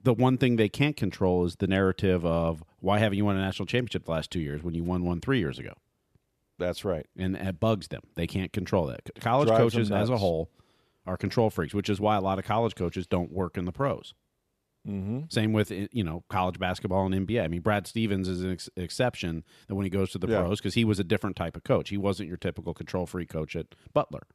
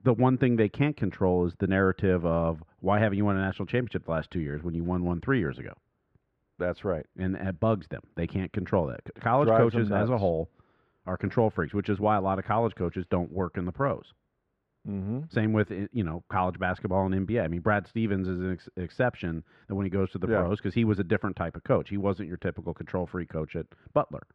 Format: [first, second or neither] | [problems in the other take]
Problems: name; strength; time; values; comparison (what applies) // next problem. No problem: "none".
first | muffled; very; fading above 2 kHz